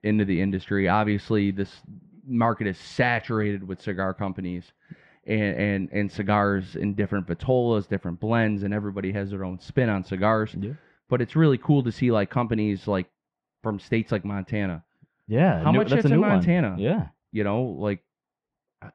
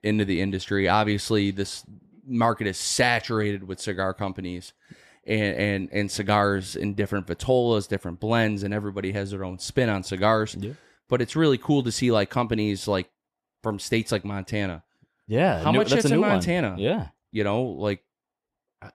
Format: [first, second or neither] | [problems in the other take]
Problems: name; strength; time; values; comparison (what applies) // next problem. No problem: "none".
second | muffled; slightly; fading above 2 kHz